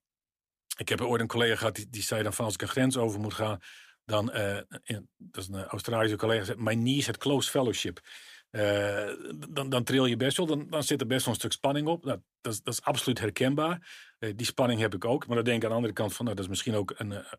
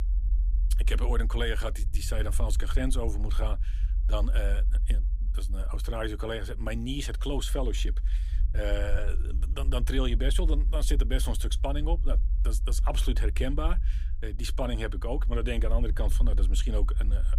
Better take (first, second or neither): first